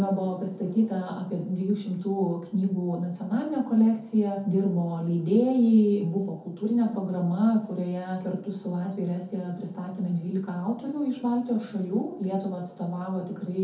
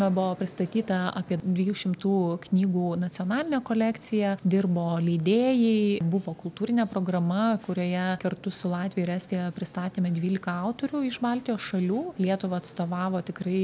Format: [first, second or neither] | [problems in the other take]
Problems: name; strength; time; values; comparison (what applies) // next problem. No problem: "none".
second | room echo; dies away in 0.5 s